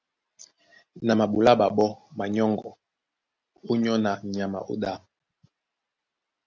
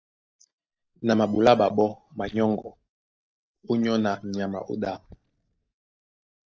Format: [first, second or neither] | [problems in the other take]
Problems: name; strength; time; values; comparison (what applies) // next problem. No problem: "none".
first | noise reduction (neural mask model DeepFilterNet 3)